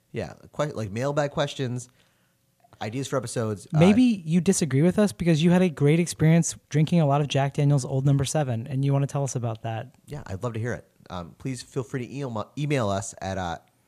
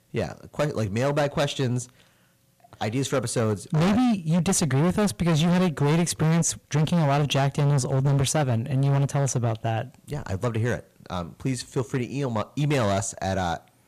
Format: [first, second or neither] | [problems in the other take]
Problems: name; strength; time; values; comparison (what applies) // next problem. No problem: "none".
first | distortion; heavy; 17% of the sound clipped